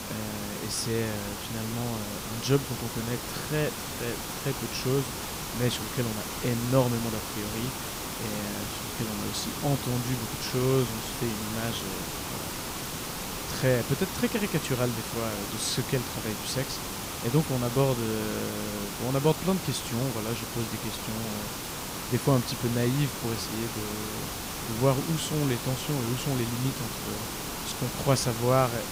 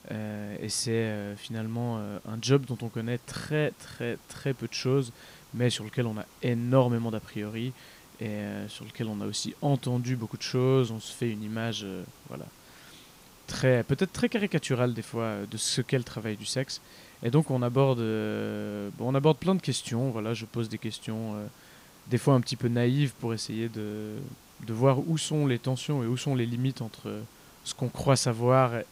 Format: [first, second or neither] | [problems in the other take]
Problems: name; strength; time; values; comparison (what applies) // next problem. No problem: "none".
second | hiss; loud; throughout; 3 dB below the speech; faint in the second